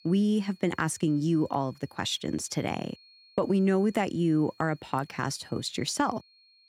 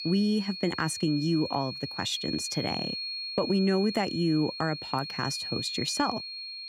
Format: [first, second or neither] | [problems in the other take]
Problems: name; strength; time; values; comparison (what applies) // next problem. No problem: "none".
first | high-pitched whine; loud; throughout; 4.5 kHz, 5 dB below the speech; faint in the first